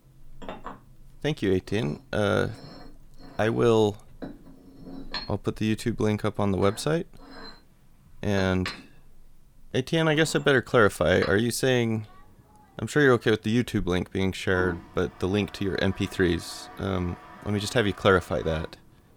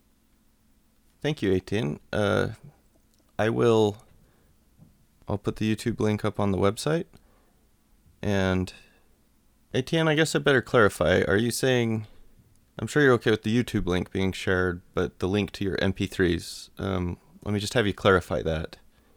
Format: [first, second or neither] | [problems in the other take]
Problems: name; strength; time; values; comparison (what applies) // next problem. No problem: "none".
second | household noises; noticeable; throughout; 20 dB below the speech